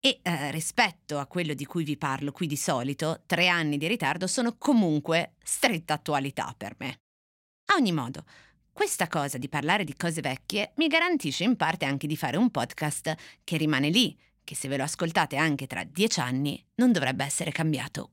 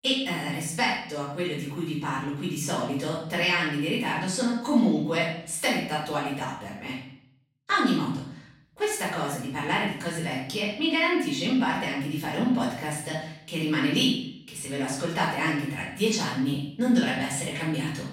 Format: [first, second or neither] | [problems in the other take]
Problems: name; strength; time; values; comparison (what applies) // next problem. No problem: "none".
first | room echo; noticeable; dies away in 0.6 s // off-mic speech; far